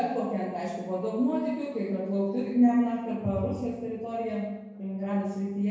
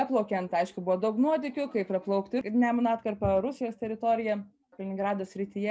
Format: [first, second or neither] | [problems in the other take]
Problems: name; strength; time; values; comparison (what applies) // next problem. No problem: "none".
second | room echo; dies away in 1 s